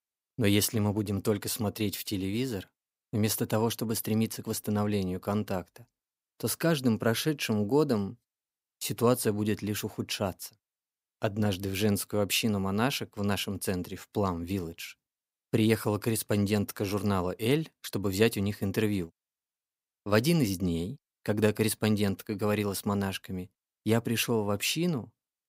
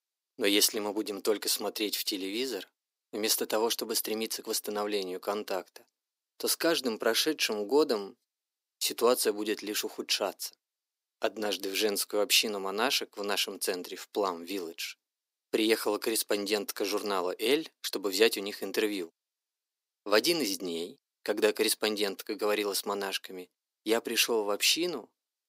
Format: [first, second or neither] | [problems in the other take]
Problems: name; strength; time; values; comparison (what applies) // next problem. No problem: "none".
first | thin; somewhat; fading below 350 Hz